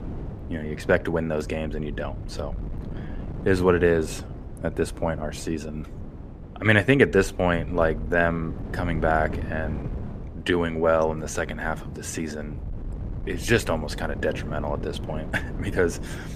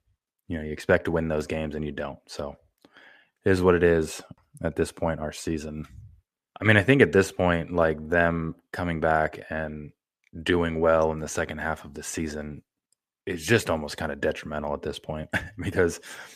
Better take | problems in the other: second | wind noise on the microphone; occasional gusts; 20 dB below the speech

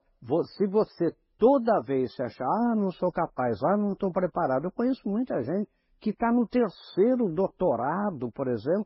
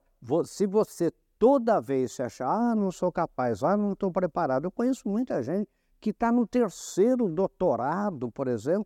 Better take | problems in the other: second | garbled, watery; badly; nothing above 5.5 kHz

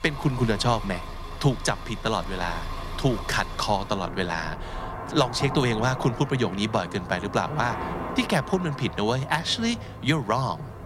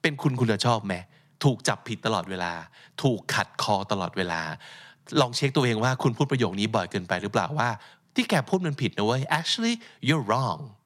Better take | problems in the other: second | traffic noise; noticeable; throughout; 10 dB below the speech

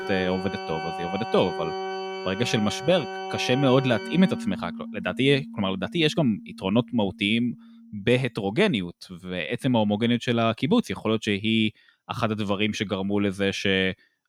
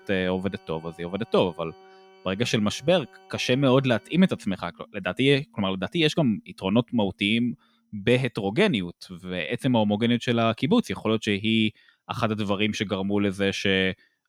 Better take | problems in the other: second | background music; loud; until 8 s; 9 dB below the speech; faint in the second

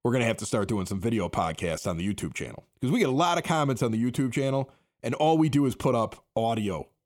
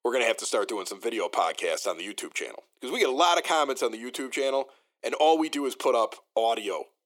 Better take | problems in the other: first | thin; very; fading below 350 Hz

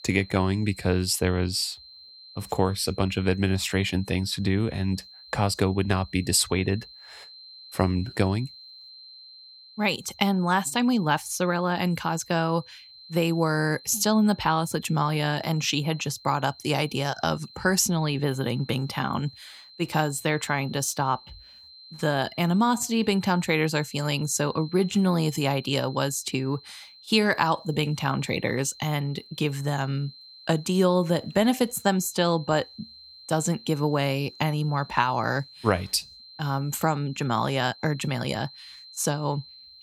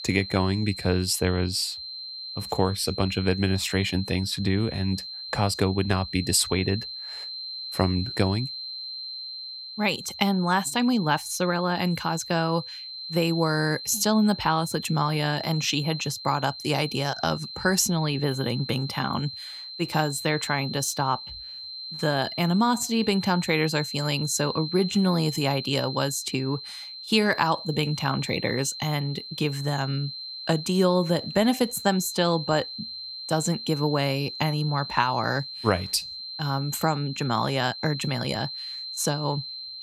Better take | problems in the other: first | high-pitched whine; loud; throughout; 4 kHz, 9 dB below the speech; faint in the first

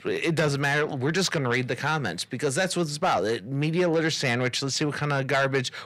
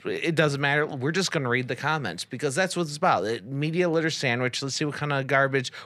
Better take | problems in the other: second | distortion; slight; 10 dB below the speech

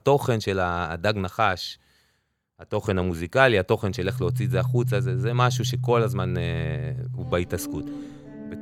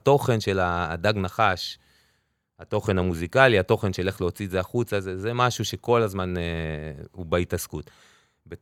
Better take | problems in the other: second | background music; loud; from 4 s on; 4 dB below the speech

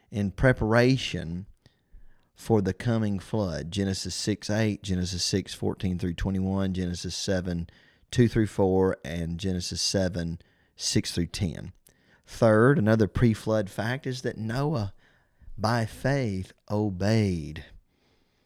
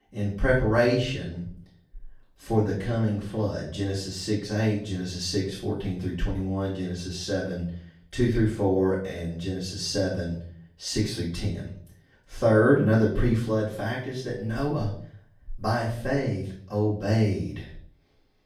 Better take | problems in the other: first | off-mic speech; far // room echo; noticeable; dies away in 0.5 s

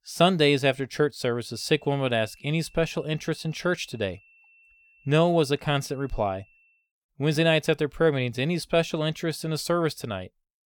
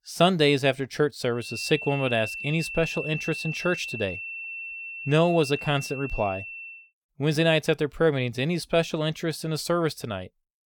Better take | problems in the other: first | high-pitched whine; loud; from 1.5 to 7 s; 2.5 kHz, 8 dB below the speech; faint in the first

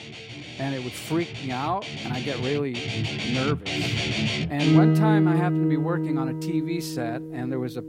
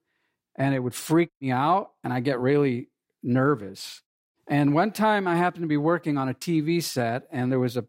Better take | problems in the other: second | background music; very loud; throughout; 4 dB above the speech

